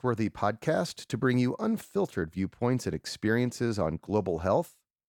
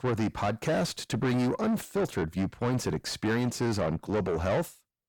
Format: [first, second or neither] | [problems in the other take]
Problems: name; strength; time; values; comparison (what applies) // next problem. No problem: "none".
first | distortion; heavy; 7 dB below the speech